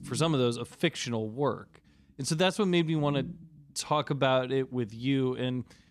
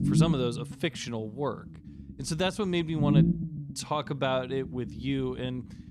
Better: first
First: low rumble; faint; throughout; 25 dB below the speech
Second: low rumble; loud; throughout; 4 dB below the speech

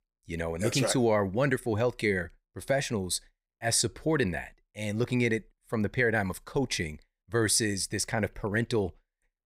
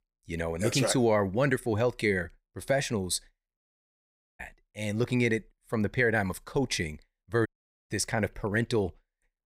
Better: first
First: none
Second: audio cutting out; at 3.5 s for 1 s and at 7.5 s

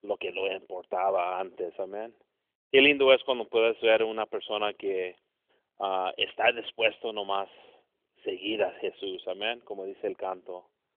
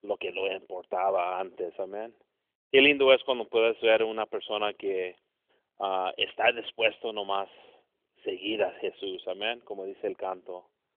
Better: neither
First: phone-call audio; nothing above 3.5 kHz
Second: phone-call audio; nothing above 3.5 kHz

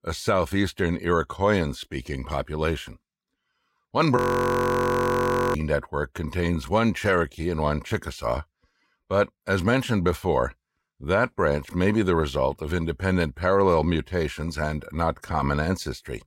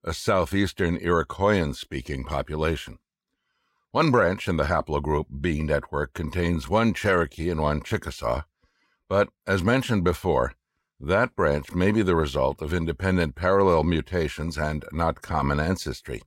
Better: second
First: audio freezing; at 4 s for 1.5 s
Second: none

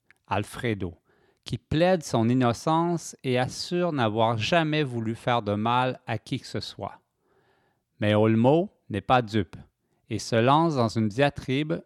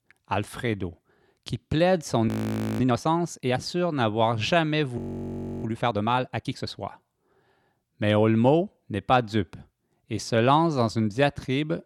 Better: first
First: none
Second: audio freezing; at 2.5 s for 0.5 s and at 5 s for 0.5 s

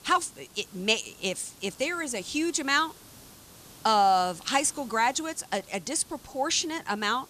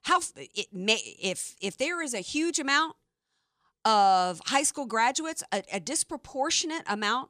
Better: second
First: hiss; faint; throughout; 20 dB below the speech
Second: none

